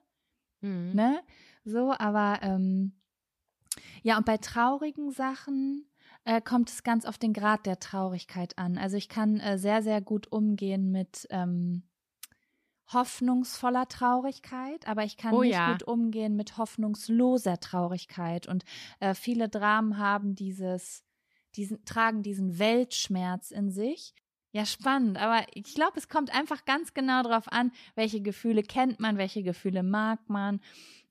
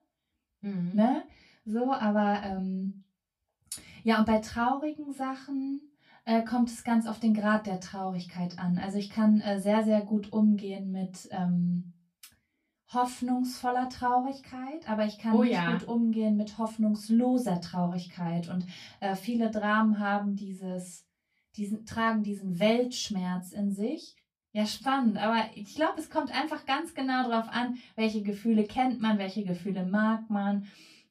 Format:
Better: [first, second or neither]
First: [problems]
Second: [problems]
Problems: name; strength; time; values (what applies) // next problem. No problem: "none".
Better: first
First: none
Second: off-mic speech; far // room echo; very slight; dies away in 0.2 s